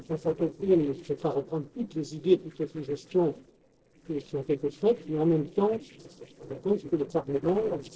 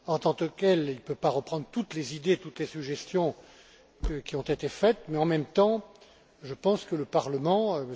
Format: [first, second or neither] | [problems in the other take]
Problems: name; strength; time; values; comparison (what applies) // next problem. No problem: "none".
second | noise reduction (neural separator model SepFormer DNS4)